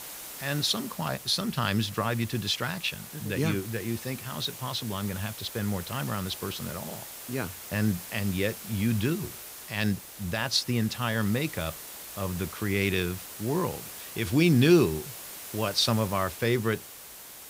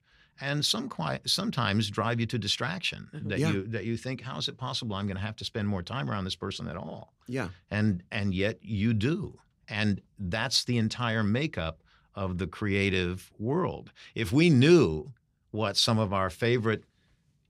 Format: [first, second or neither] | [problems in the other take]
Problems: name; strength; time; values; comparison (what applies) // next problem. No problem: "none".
second | hiss; noticeable; throughout; 10 dB below the speech